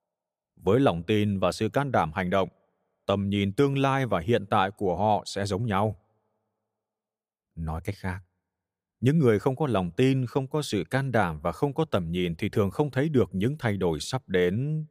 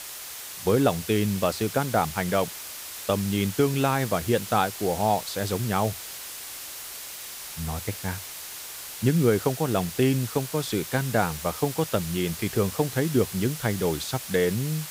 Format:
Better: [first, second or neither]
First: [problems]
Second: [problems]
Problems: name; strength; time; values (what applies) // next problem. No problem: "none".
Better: first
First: none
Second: hiss; loud; throughout; 9 dB below the speech